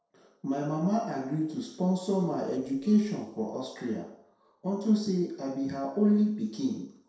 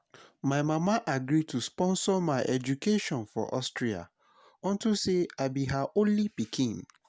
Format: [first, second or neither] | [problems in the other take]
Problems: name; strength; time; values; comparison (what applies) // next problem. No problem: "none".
second | noise reduction (neural separator model SepFormer DNS4)